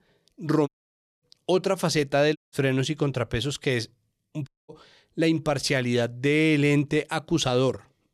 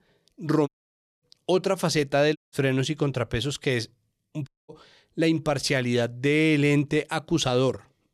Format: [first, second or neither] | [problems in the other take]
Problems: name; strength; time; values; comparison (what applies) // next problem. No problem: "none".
neither | audio cutting out; at 0.5 s for 0.5 s, at 2.5 s and at 4.5 s; the same in both